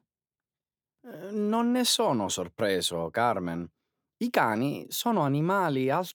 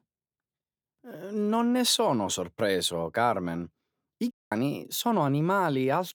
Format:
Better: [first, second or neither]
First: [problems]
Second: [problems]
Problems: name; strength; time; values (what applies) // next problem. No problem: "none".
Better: first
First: none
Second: audio cutting out; at 4.5 s